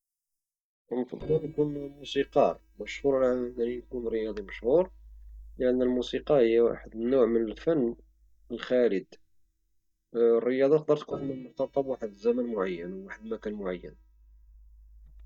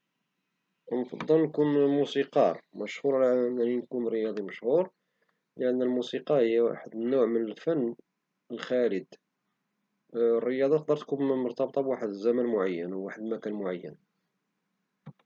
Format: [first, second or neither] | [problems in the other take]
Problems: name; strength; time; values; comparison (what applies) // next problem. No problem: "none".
second | noise reduction (neural mask model DeepFilterNet 3)